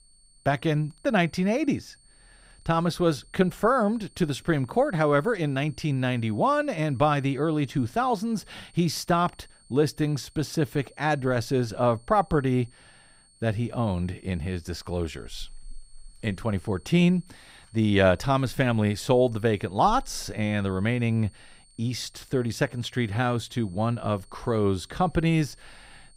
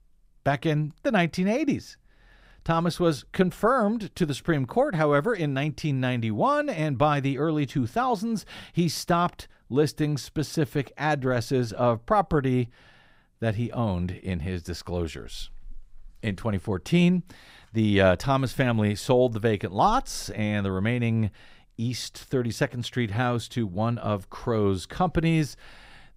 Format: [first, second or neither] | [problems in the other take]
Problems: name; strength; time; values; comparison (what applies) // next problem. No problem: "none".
second | high-pitched whine; faint; throughout; 8.5 kHz, 30 dB below the speech